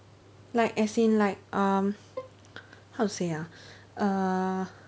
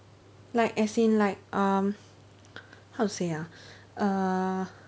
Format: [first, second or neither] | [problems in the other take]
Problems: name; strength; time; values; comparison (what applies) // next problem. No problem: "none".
second | background sound (Bowed string instrument); 19 dB below the speech